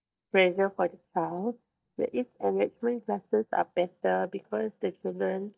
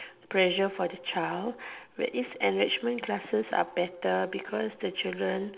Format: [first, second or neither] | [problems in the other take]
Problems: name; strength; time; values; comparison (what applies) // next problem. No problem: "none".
second | noise reduction (neural mask model DeepFilterNet 3)